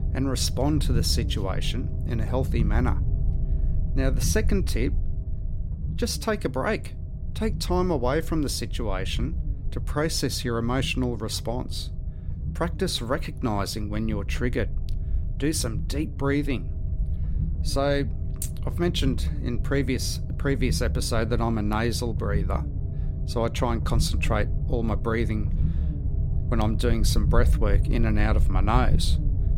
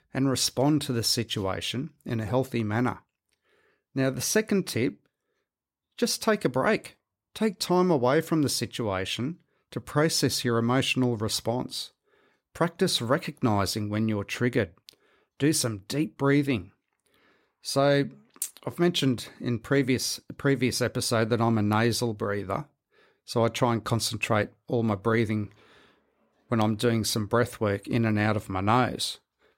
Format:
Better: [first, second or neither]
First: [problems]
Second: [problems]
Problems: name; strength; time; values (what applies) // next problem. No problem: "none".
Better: second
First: low rumble; noticeable; throughout; 15 dB below the speech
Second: none